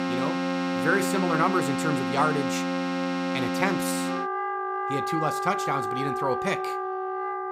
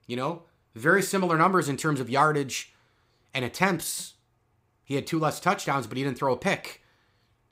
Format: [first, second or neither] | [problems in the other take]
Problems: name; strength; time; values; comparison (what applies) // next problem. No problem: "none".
second | background music; very loud; throughout; as loud as the speech